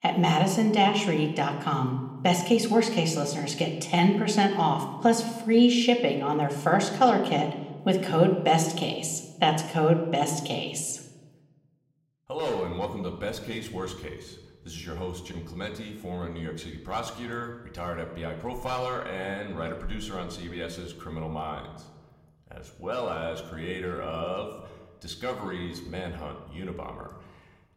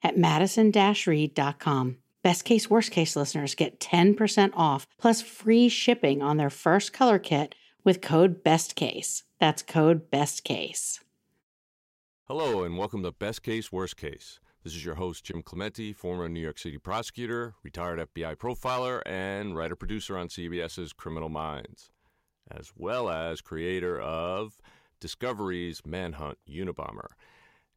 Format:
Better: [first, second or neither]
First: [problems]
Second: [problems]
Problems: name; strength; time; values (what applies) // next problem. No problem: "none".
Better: second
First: room echo; slight; dies away in 0.9 s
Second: none